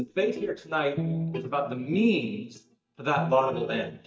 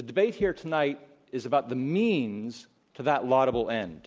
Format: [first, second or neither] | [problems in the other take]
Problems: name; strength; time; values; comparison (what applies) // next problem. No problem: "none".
second | noise reduction (neural mask model DeepFilterNet 3)